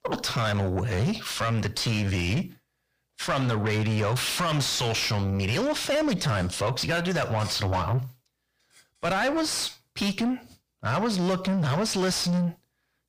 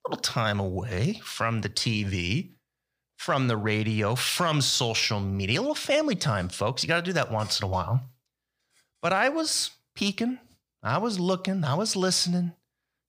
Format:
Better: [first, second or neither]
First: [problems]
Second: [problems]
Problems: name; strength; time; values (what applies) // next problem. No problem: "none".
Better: second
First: distortion; heavy; 6 dB below the speech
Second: none